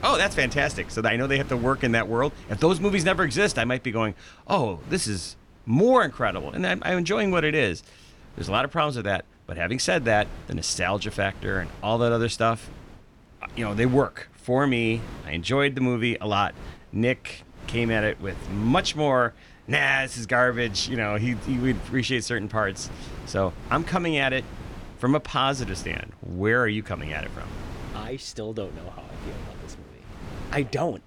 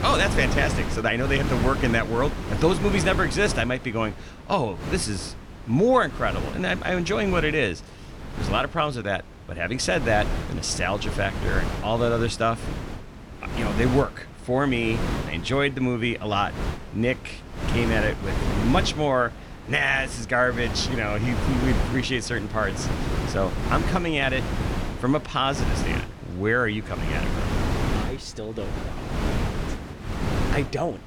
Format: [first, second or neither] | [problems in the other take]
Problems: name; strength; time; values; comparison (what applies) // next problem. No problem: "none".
first | wind noise on the microphone; heavy; 9 dB below the speech; occasional gusts in the first